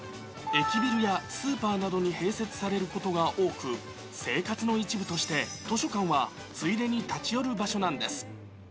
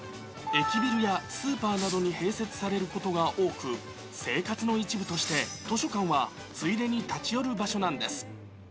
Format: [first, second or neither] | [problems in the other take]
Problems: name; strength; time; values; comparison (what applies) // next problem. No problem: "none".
first | background sound (Fireworks); 17 dB below the speech